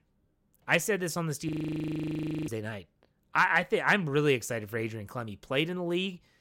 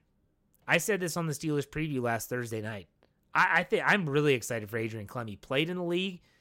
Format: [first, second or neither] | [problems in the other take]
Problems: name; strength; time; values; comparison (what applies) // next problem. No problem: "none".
second | audio freezing; at 1.5 s for 1 s